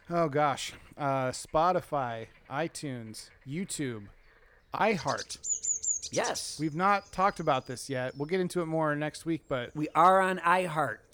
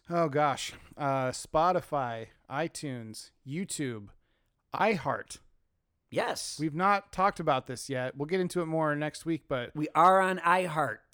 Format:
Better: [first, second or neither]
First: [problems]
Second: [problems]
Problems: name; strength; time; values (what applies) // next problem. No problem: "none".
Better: second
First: animal sounds; loud; throughout; 3 dB below the speech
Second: none